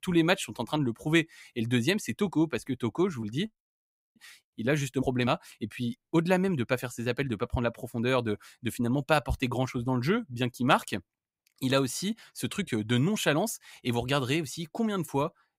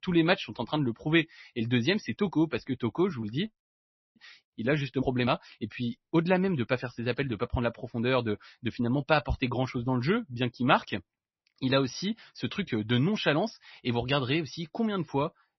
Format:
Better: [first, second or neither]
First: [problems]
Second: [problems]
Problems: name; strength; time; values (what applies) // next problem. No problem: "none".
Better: first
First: none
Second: garbled, watery; slightly; nothing above 6 kHz